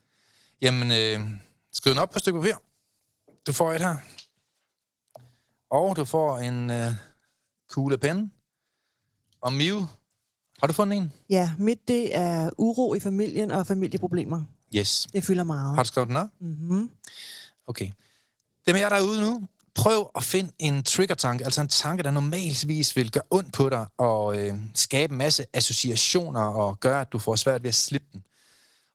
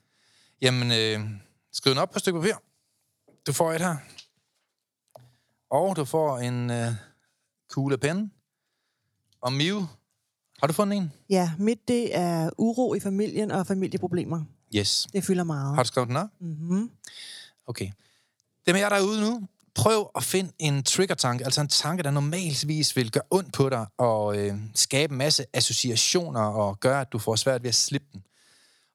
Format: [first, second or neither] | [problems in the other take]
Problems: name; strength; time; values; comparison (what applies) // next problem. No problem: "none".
second | garbled, watery; slightly